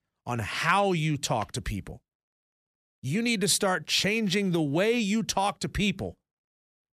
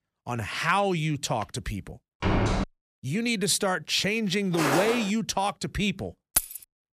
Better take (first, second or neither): first